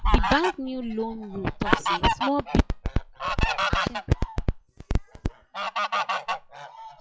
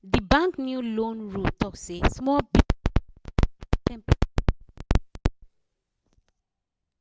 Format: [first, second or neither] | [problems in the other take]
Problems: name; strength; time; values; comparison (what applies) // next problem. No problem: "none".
second | noise reduction (classical method log-MMSE)